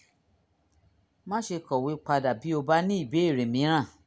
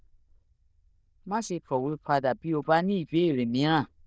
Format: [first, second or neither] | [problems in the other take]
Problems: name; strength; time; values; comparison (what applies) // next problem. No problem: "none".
first | noise reduction (neural diffusion model UNIVERSE++)